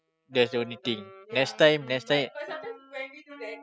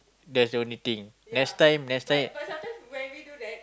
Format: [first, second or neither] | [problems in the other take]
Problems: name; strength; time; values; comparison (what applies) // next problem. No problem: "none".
second | noise reduction (classical method spectral subtraction)